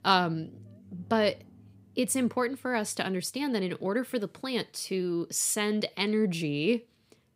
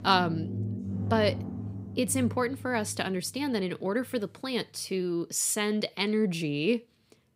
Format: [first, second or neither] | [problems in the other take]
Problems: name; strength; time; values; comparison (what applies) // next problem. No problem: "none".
first | background music; loud; until 2 s; 7 dB below the speech; faint in the first